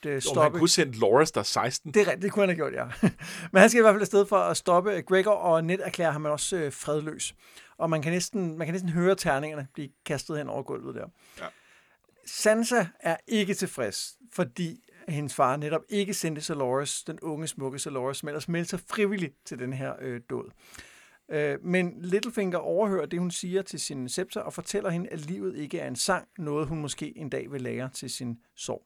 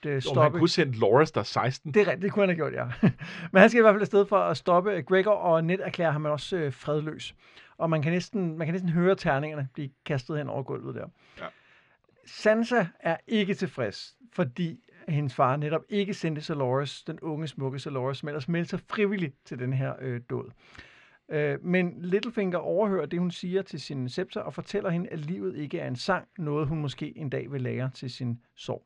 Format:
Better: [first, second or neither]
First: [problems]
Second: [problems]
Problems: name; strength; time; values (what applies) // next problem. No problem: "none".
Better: first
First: none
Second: muffled; slightly; fading above 4 kHz